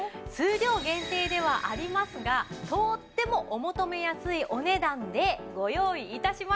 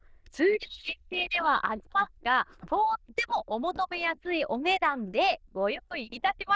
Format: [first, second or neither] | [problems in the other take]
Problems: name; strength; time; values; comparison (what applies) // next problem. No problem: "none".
first | noise reduction (neural diffusion model UNIVERSE++)